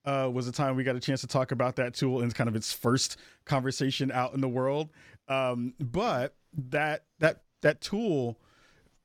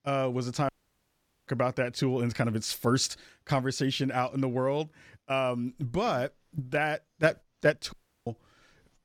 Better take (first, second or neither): first